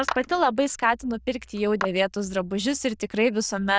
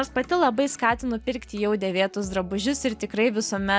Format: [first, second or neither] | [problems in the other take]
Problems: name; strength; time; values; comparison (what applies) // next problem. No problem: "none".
second | noise reduction (neural diffusion model UNIVERSE++)